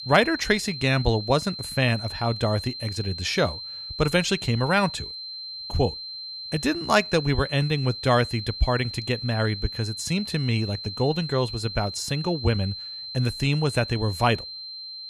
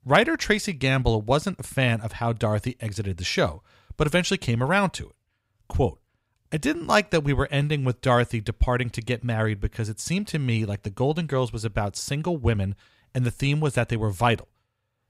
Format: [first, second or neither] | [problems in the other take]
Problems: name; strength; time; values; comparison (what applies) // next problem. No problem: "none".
second | high-pitched whine; loud; throughout; 4 kHz, 8 dB below the speech